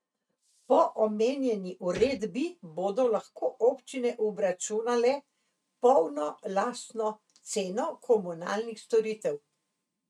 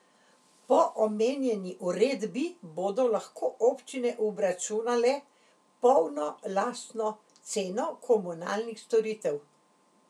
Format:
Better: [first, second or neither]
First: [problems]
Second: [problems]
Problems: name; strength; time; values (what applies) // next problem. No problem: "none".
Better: second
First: noise reduction (neural mask model RNNoise)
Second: none